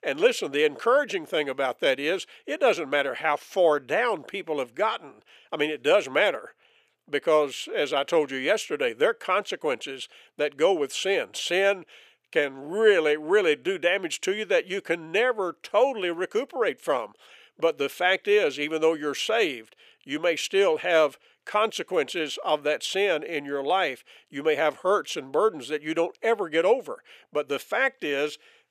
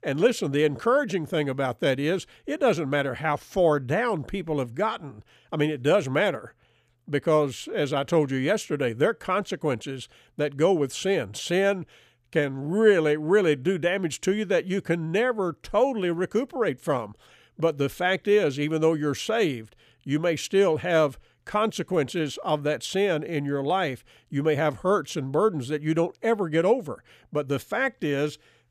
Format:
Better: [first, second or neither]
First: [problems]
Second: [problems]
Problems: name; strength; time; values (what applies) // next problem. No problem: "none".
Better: second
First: thin; somewhat; fading below 450 Hz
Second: none